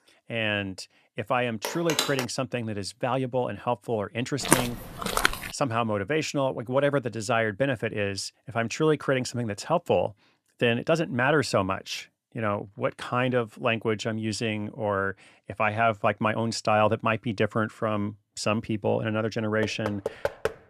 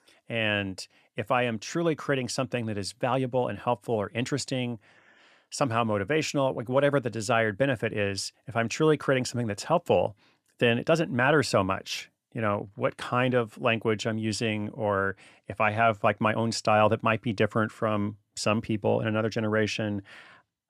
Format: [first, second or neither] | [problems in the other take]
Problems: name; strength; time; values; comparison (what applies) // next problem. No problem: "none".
second | phone ringing; loud; at 1.5 s; peak level with the speech // footsteps; loud; at 4.5 s; peak 3 dB above the speech // door banging; noticeable; at 20 s; peak 4 dB below the speech